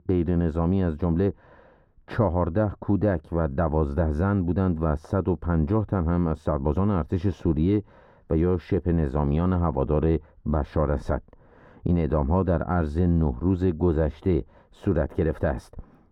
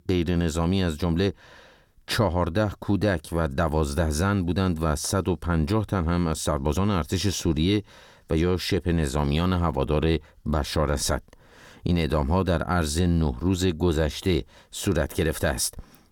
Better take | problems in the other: second | muffled; very; fading above 2.5 kHz

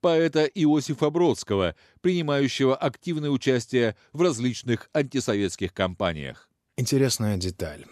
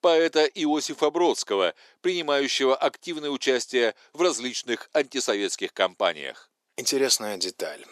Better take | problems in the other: first | thin; somewhat; fading below 350 Hz

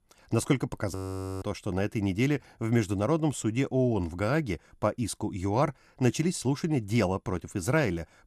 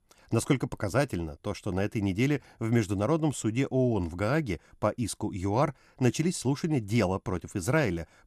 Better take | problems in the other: second | audio freezing; at 1 s

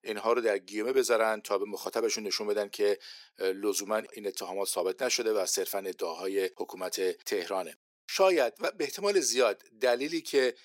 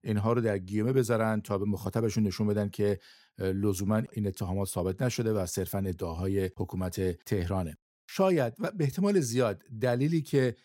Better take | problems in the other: second | thin; very; fading below 350 Hz

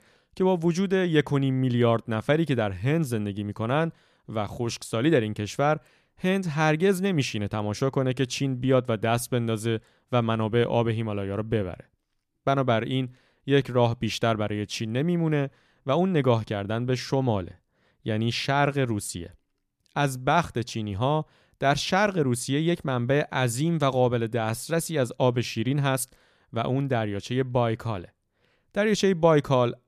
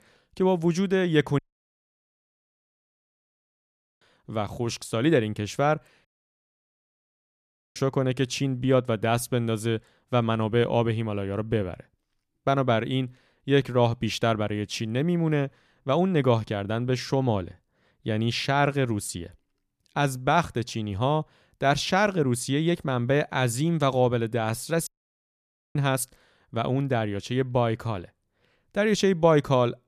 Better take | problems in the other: first | audio cutting out; at 1.5 s for 2.5 s, at 6 s for 1.5 s and at 25 s for 1 s

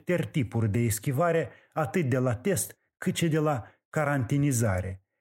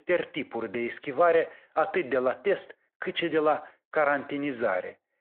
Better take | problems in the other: first | phone-call audio

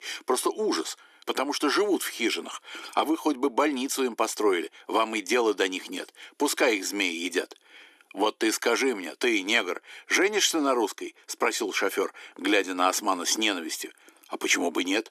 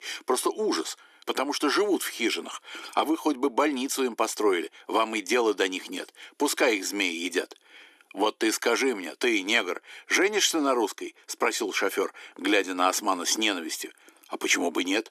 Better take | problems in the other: neither | thin; somewhat; fading below 300 Hz; the same in both

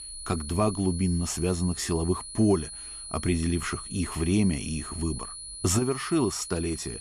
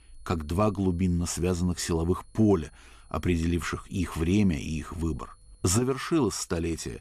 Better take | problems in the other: second | high-pitched whine; loud; throughout; 10 kHz, 10 dB below the speech; faint in the second

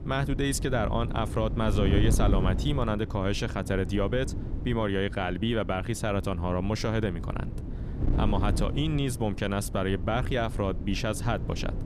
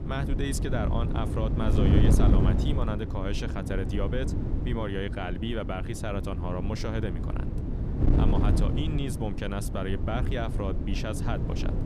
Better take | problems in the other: first | wind noise on the microphone; heavy; 3 dB below the speech; occasional gusts in the first

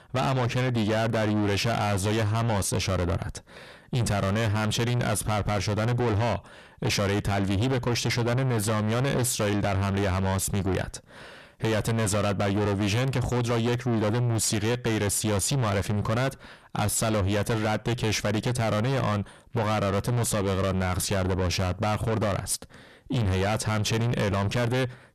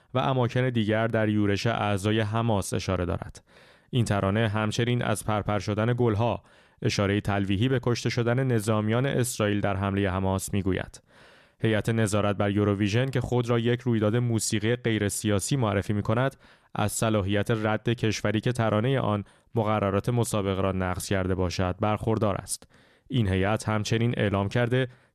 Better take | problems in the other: second | distortion; heavy; 6 dB below the speech

